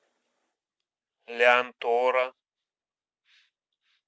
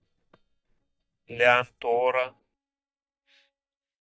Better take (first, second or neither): first